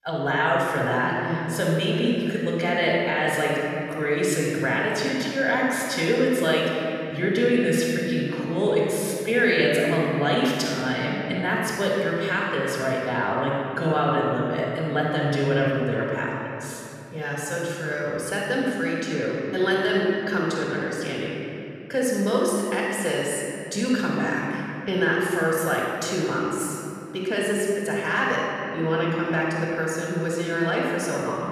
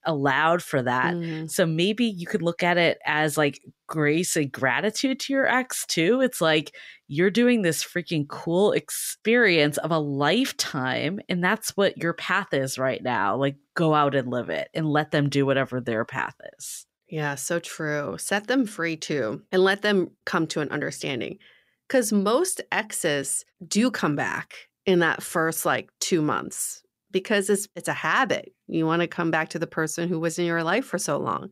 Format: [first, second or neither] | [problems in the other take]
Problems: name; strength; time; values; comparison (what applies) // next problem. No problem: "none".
second | off-mic speech; far // room echo; strong; dies away in 2.7 s